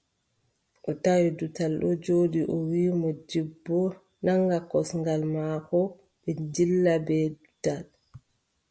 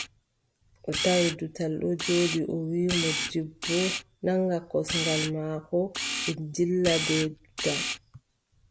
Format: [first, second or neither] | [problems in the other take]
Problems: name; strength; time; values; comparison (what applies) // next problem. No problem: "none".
first | background sound (Camera); 5 dB below the speech